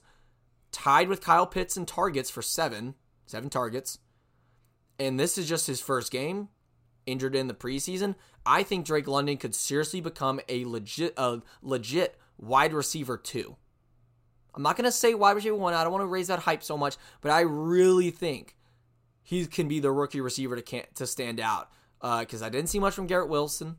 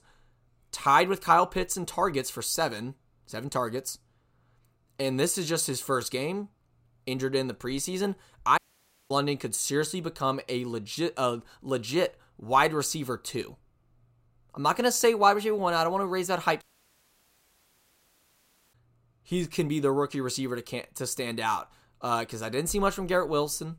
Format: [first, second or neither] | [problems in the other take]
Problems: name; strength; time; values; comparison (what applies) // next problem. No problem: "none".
first | audio cutting out; at 8.5 s for 0.5 s and at 17 s for 2 s